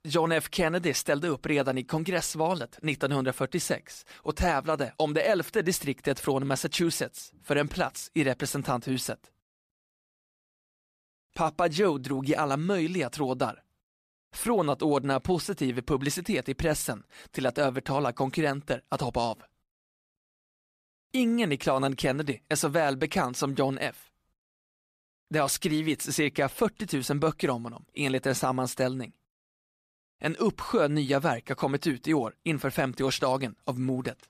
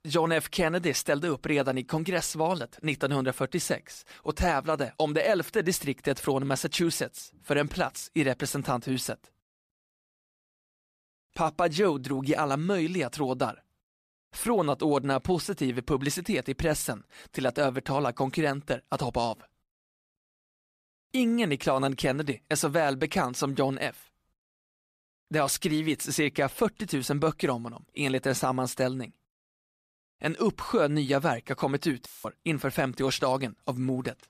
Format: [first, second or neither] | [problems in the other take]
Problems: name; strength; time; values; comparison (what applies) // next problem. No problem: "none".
first | audio cutting out; filled with static; at 32 s